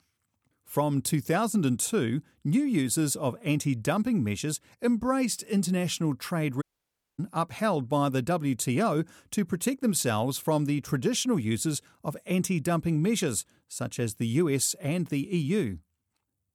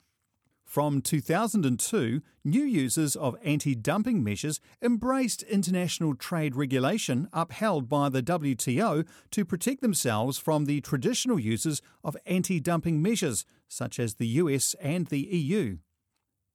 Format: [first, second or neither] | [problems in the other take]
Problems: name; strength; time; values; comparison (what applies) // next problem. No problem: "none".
second | audio cutting out; at 6.5 s for 0.5 s